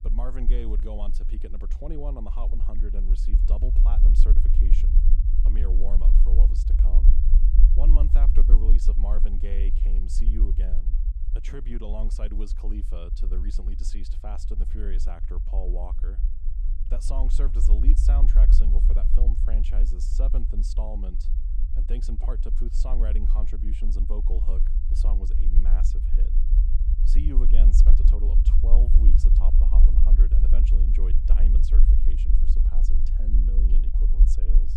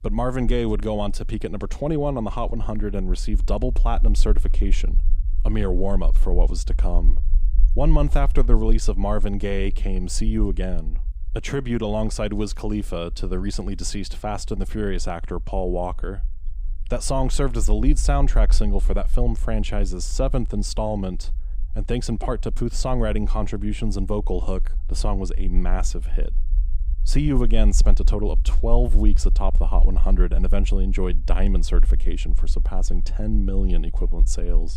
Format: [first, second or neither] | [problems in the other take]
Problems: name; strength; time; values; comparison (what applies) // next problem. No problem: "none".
second | low rumble; loud; throughout; 3 dB below the speech; faint in the second